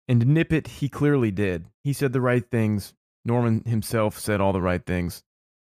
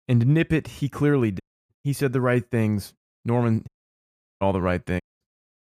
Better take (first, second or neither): first